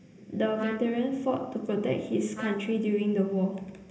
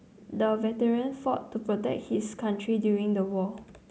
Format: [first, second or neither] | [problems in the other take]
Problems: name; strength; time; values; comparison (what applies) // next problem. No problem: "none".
second | background sound (Trumpet); 15 dB below the speech // room echo; dies away in 0.8 s